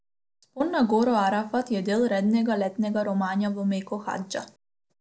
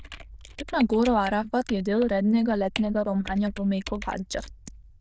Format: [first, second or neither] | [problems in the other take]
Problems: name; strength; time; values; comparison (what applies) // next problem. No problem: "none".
first | noise reduction (neural diffusion model UNIVERSE++)